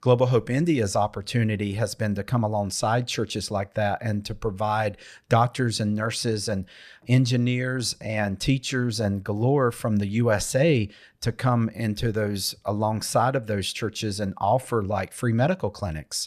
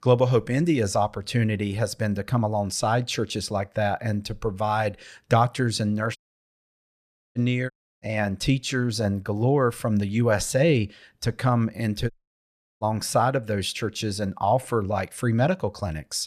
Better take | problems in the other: first | audio cutting out; at 6 s for 1 s, at 7.5 s and at 12 s for 0.5 s

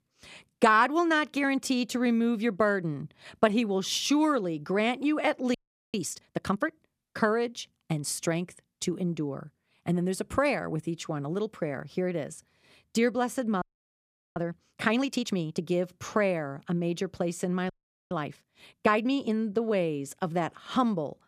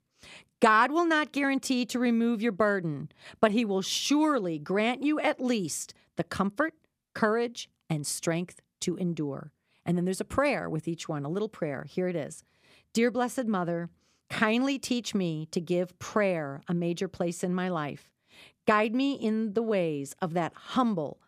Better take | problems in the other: second | audio freezing; at 5.5 s, at 14 s for 0.5 s and at 18 s

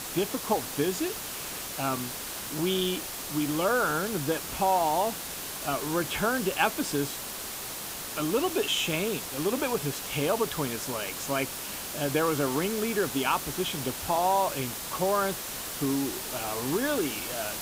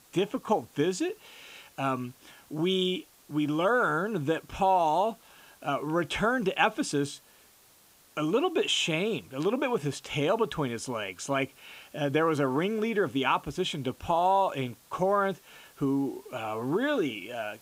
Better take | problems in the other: second | hiss; loud; throughout; 5 dB below the speech; faint in the second

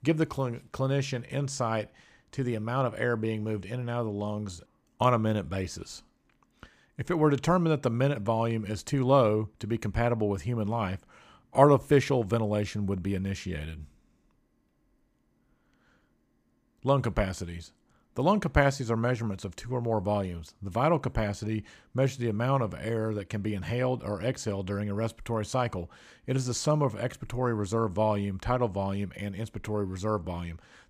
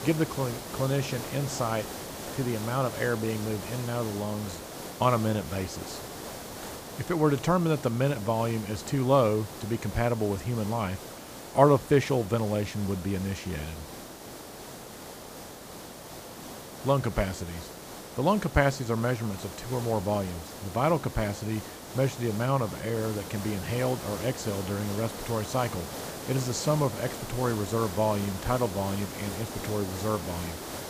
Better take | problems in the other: first | hiss; noticeable; throughout; 10 dB below the speech

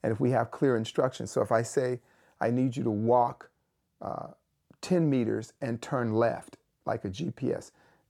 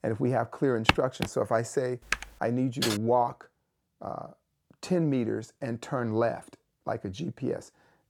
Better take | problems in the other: first | footsteps; very faint; at 1 s; peak 4 dB above the speech // keyboard typing; very faint; at 2 s; peak 3 dB below the speech // keyboard typing; noticeable; at 3 s; peak 2 dB below the speech

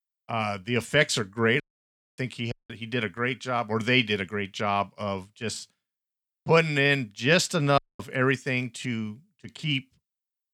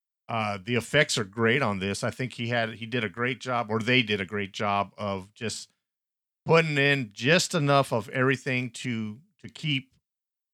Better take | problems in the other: second | audio cutting out; at 1.5 s for 0.5 s, at 2.5 s and at 8 s

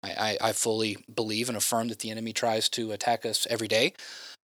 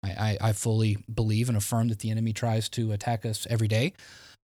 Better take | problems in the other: second | thin; very; fading below 400 Hz

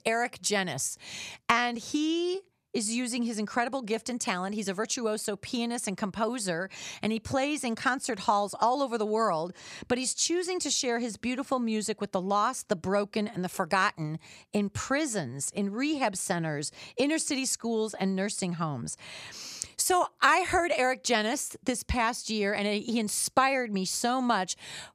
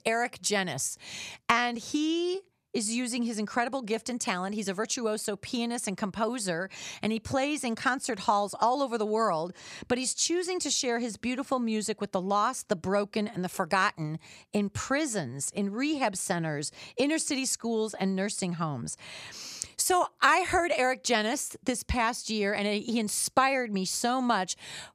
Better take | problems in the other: neither | none

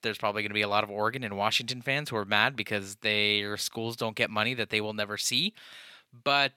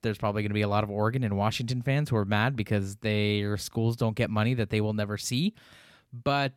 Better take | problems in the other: second | thin; somewhat; fading below 750 Hz

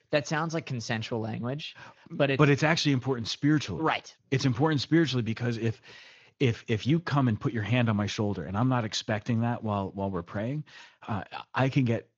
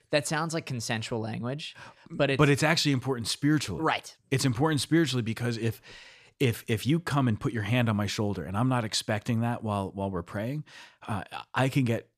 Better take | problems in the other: second | garbled, watery; slightly; nothing above 6.5 kHz

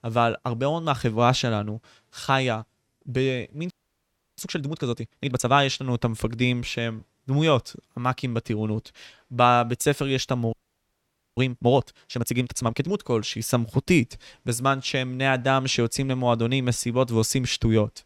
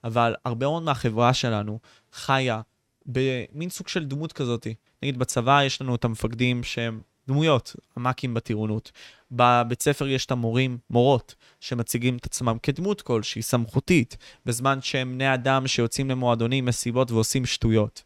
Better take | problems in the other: second | audio freezing; at 3.5 s for 0.5 s and at 11 s for 1 s

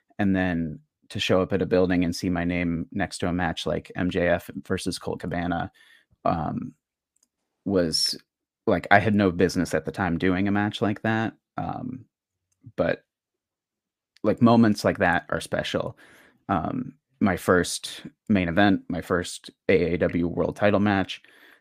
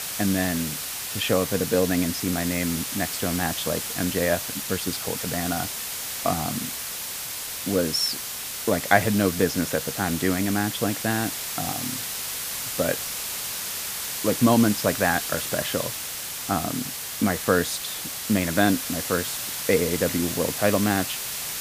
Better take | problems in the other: first | hiss; loud; throughout; 3 dB below the speech

